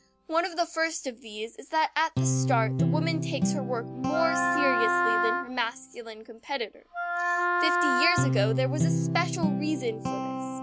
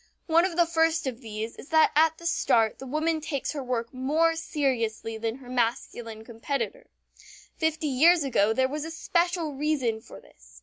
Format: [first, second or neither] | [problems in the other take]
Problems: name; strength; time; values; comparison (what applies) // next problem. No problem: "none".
second | background sound (Guitar + Wind instrument, woodwind instrument); 3 dB above the speech